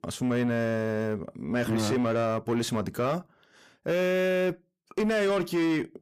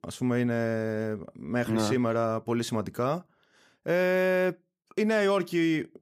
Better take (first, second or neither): second